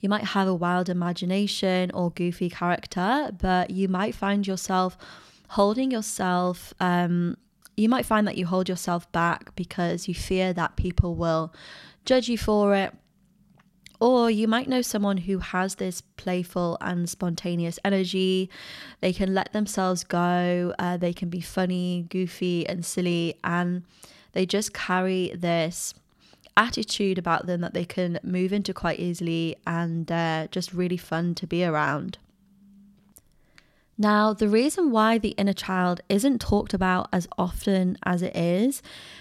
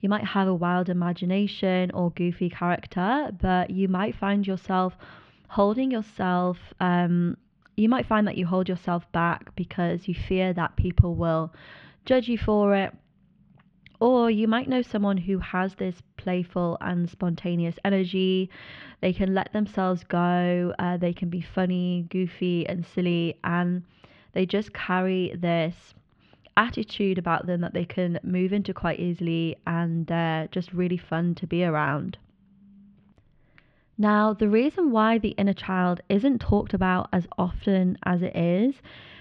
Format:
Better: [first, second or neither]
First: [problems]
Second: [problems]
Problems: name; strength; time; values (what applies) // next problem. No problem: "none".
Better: first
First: none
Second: muffled; very; fading above 3 kHz